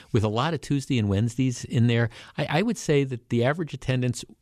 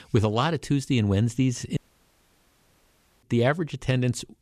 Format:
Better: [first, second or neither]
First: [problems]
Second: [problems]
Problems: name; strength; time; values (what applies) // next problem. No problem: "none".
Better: first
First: none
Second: audio cutting out; at 2 s for 1.5 s